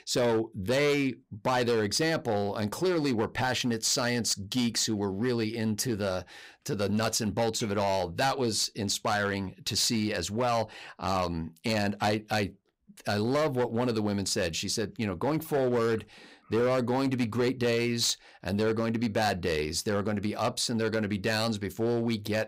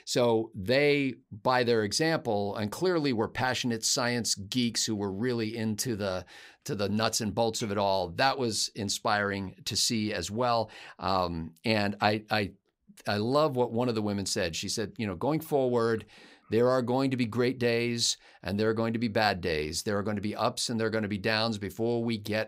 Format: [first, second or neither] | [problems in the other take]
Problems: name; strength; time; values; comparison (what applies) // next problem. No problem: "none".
second | distortion; slight; 8% of the sound clipped